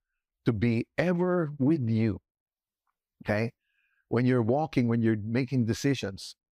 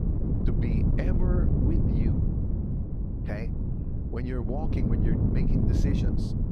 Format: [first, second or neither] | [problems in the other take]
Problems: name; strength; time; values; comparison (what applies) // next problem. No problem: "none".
first | wind noise on the microphone; heavy; 2 dB above the speech